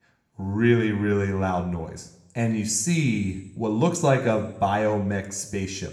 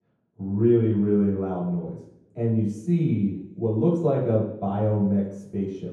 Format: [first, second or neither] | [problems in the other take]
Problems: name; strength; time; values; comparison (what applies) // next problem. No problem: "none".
first | room echo; strong; dies away in 0.9 s; slight in the first // off-mic speech; far